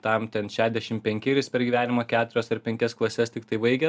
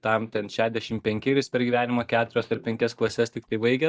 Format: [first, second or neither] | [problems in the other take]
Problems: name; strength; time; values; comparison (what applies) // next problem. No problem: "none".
first | noise reduction (neural mask model DeepFilterNet 3)